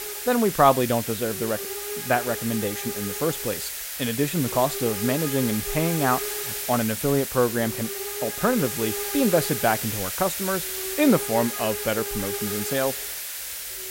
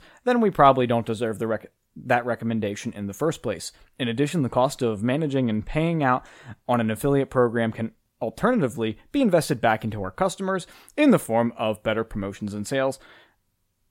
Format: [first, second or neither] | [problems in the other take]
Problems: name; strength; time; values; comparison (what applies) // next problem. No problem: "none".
second | hiss; loud; throughout; 4 dB below the speech